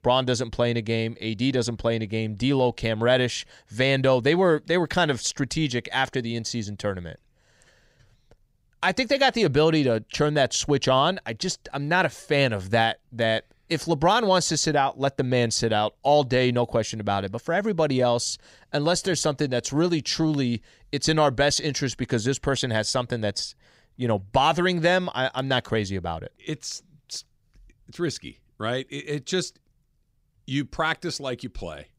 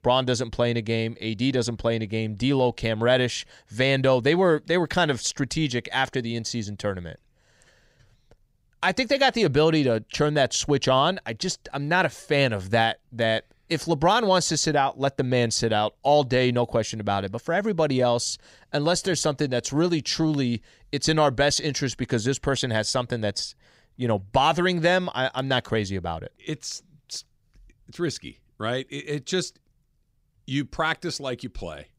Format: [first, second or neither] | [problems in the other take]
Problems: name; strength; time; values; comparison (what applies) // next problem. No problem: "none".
neither | none